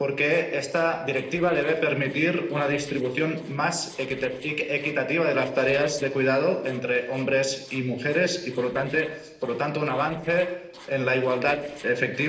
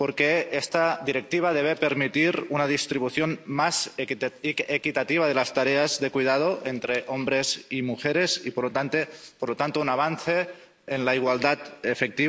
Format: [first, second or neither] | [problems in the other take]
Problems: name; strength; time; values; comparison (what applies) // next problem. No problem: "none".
second | noise reduction (neural separator model SepFormer DNS4)